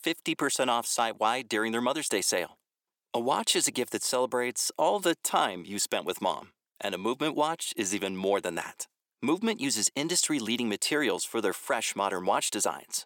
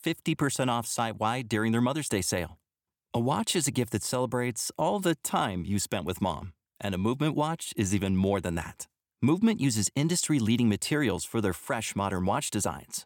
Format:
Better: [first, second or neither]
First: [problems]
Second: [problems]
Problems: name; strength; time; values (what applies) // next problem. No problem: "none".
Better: second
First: thin; somewhat; fading below 400 Hz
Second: none